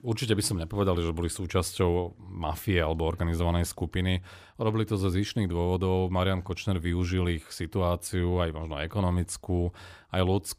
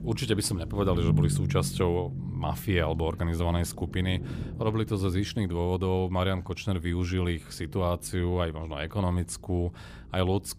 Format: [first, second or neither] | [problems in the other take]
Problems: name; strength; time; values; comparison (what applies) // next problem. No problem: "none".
first | low rumble; noticeable; throughout; 10 dB below the speech